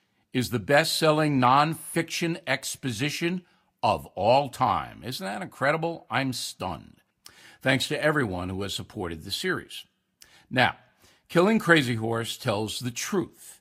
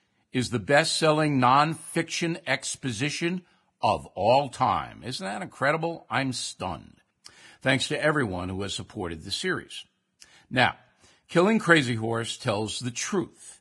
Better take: first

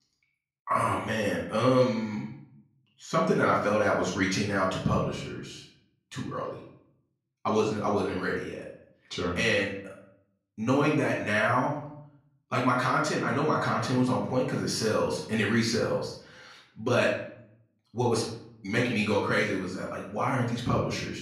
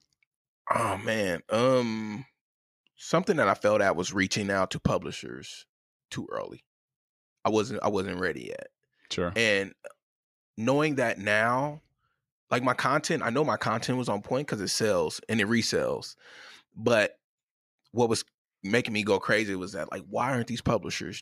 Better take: second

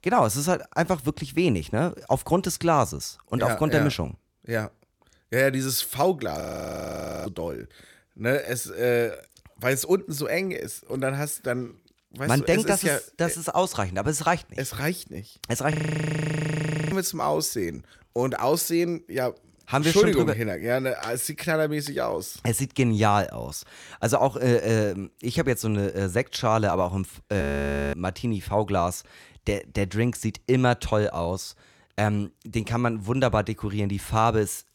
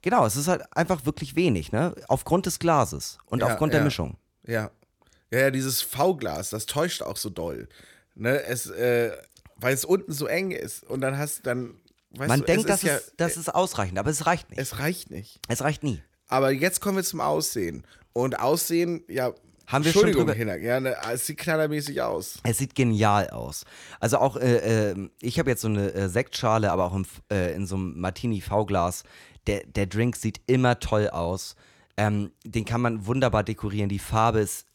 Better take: second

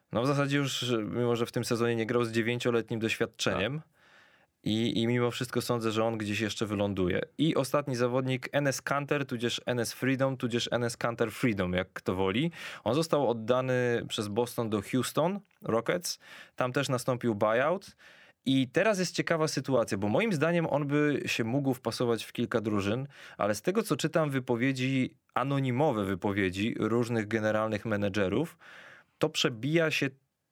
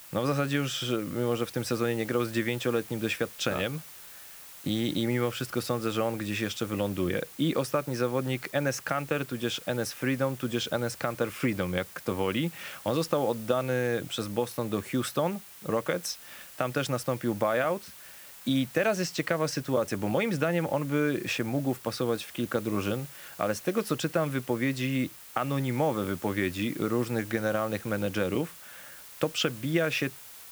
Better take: first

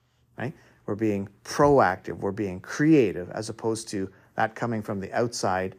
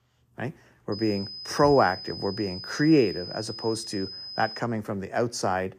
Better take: first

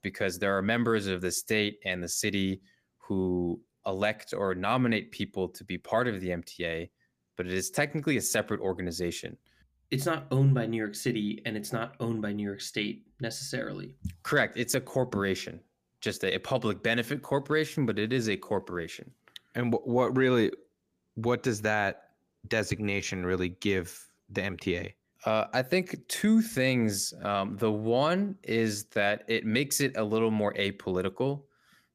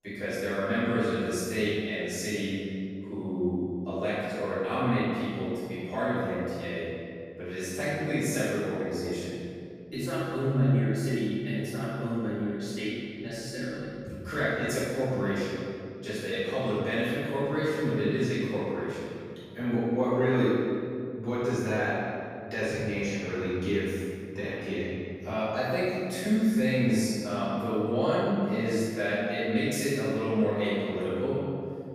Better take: first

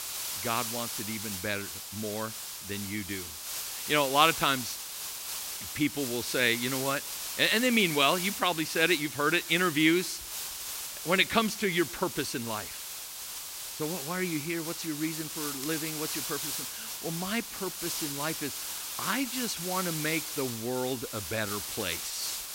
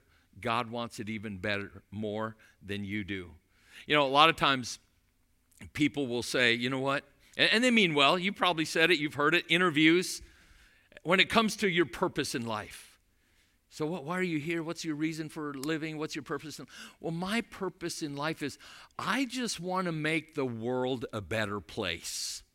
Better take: second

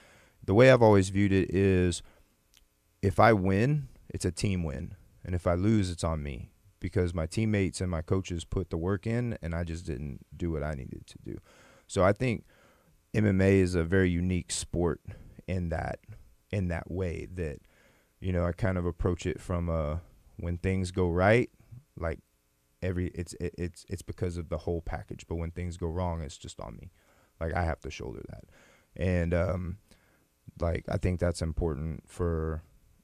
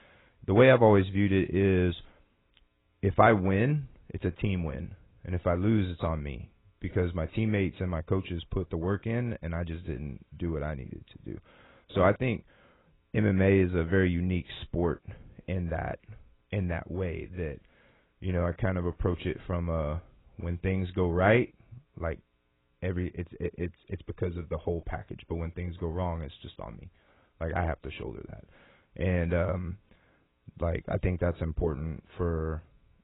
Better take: first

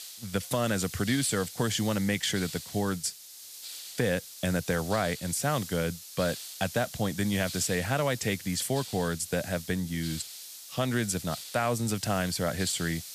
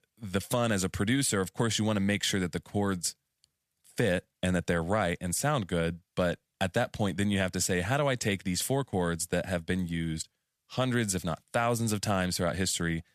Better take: second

